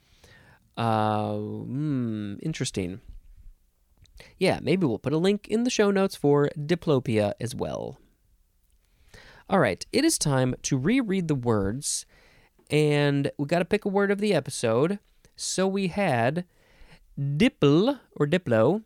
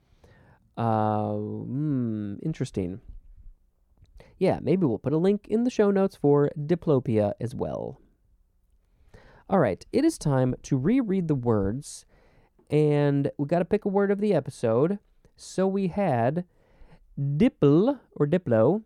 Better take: first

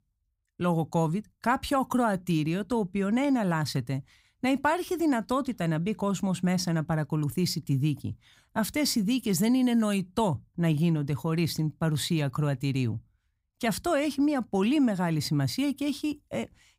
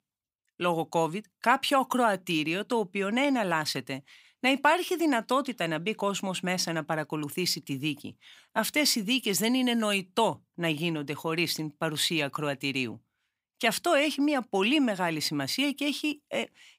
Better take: first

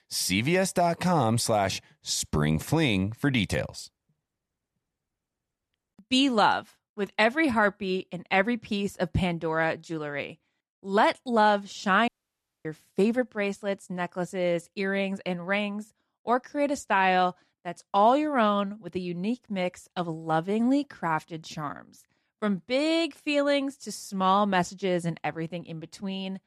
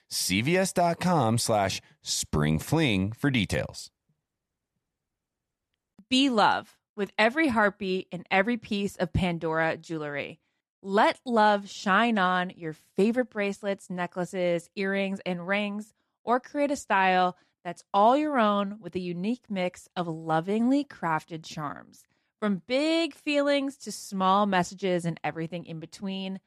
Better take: second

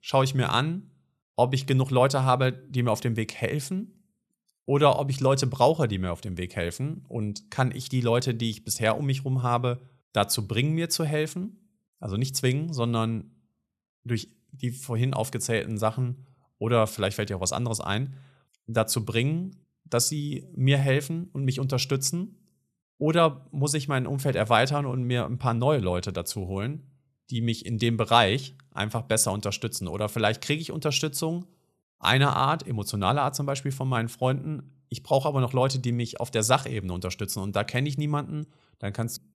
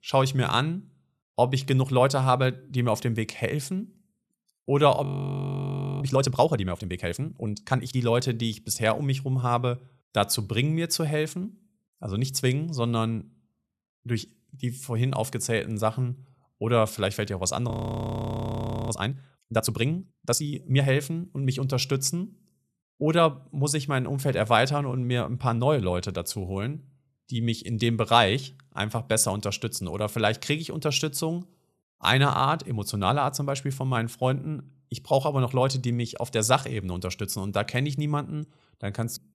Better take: first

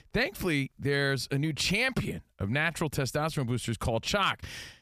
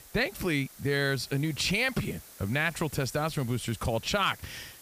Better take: first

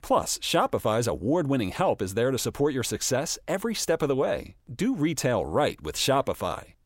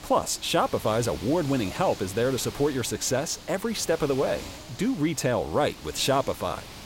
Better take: first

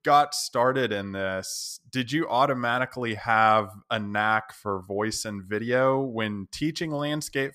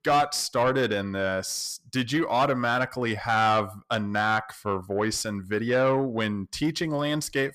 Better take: first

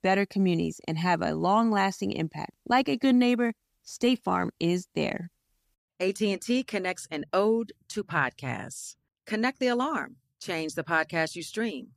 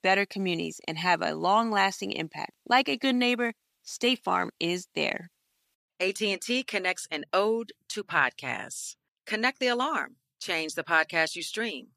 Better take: first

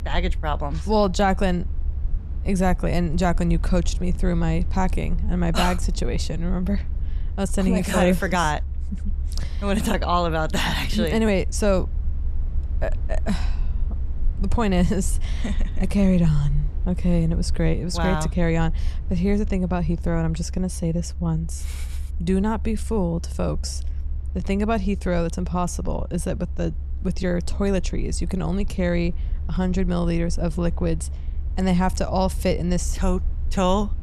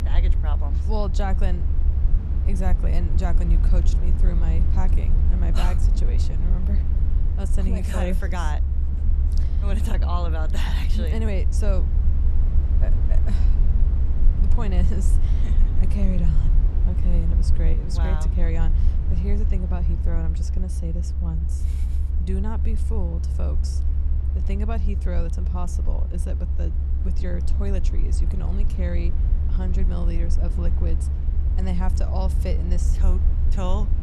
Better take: first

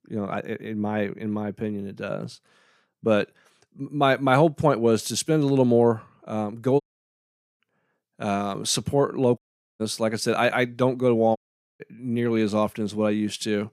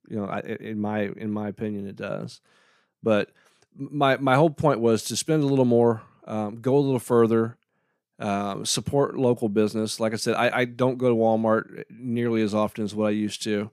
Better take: second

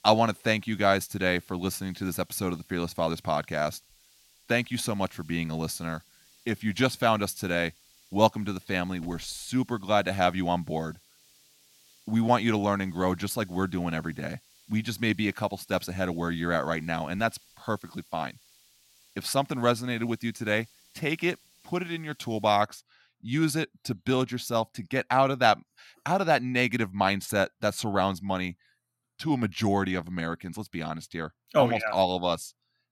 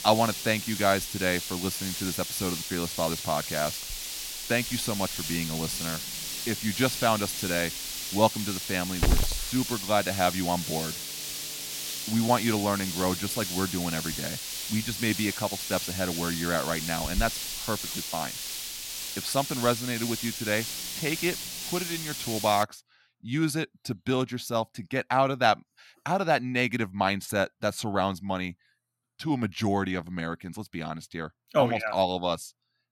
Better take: first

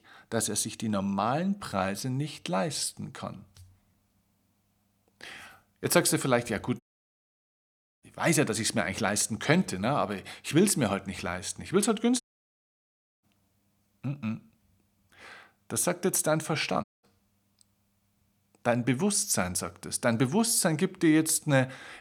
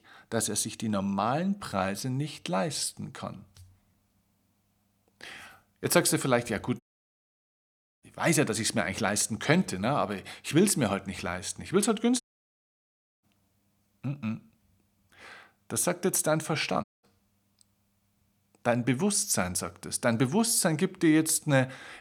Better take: neither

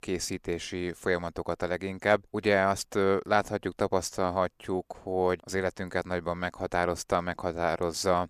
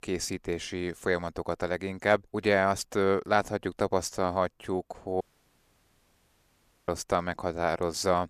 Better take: first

